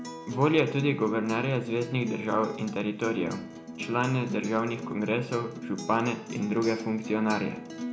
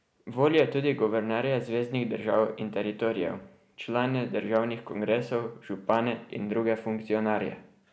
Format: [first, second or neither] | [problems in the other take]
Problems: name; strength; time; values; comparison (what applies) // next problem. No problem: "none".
second | background sound (Acoustic guitar); 11 dB below the speech // room echo; dies away in 0.4 s